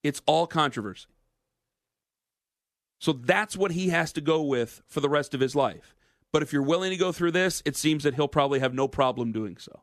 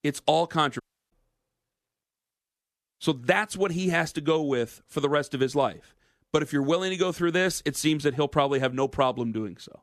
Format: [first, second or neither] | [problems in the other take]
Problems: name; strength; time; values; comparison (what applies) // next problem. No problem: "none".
first | audio cutting out; at 1 s